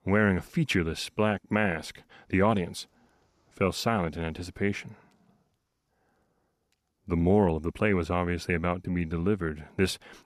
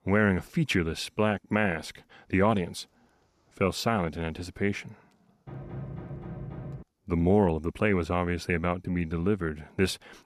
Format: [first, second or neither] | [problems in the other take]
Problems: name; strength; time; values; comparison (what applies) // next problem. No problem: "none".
first | door banging; faint; from 5.5 to 7 s; peak 10 dB below the speech